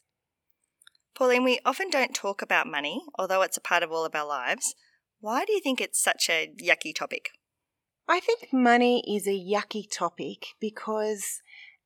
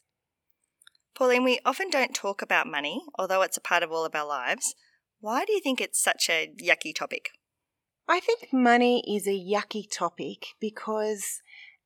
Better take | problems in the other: neither | thin; very slightly; fading below 550 Hz; the same in both

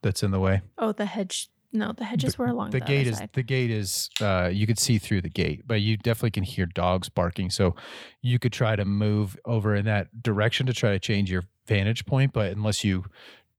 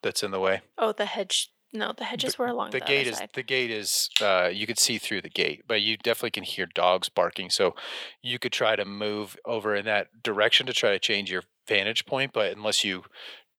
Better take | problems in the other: first | thin; very; fading below 500 Hz

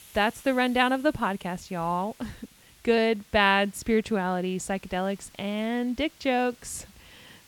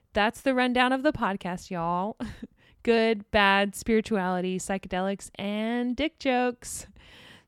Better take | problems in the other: second | hiss; faint; throughout; 25 dB below the speech

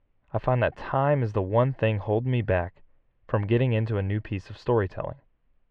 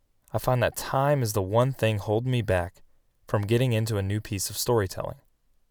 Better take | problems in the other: second | muffled; very; fading above 2.5 kHz

